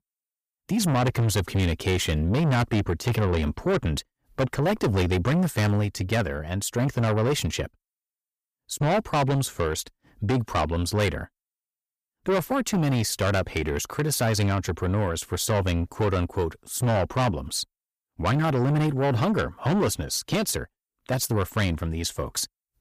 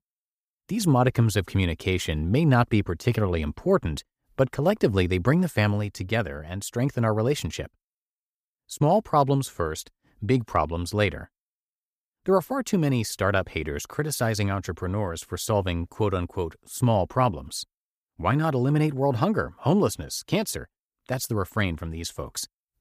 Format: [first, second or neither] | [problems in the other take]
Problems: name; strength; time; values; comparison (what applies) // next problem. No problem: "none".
second | distortion; heavy; 7 dB below the speech